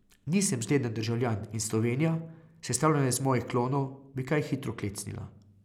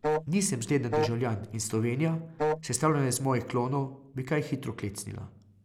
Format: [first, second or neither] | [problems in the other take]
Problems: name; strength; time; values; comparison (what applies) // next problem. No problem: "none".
first | background sound (Wind instrument, woodwind instrument); 3 dB below the speech